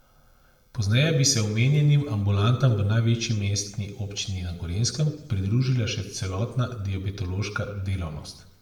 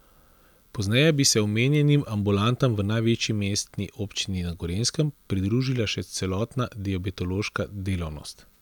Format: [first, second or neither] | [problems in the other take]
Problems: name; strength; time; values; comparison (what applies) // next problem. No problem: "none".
second | room echo; dies away in 0.7 s